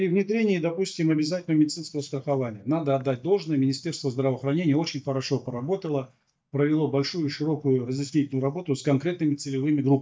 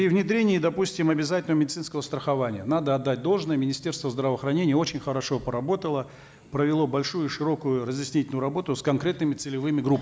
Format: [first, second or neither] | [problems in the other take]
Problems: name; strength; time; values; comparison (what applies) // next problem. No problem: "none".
second | noise reduction (neural mask model DeepFilterNet 3)